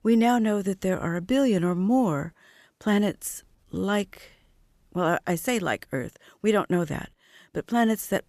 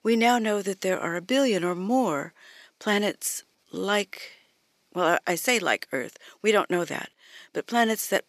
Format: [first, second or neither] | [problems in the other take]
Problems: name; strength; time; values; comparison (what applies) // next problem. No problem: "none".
first | thin; very slightly; fading below 300 Hz